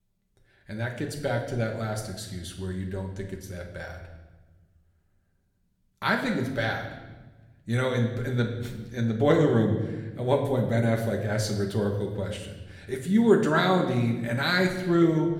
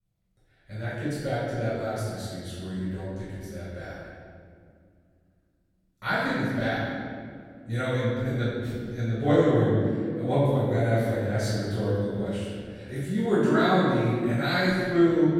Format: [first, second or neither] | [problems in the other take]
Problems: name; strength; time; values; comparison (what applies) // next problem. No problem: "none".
first | room echo; strong; dies away in 2 s; slight in the first // off-mic speech; far; somewhat distant in the first